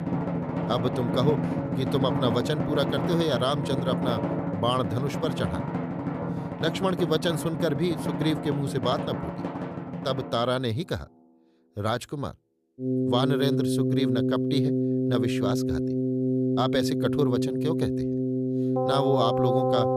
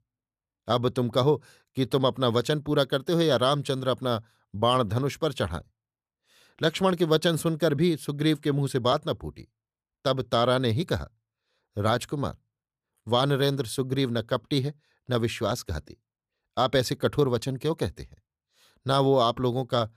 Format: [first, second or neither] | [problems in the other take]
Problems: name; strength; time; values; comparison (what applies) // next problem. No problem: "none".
second | background music; very loud; throughout; 1 dB above the speech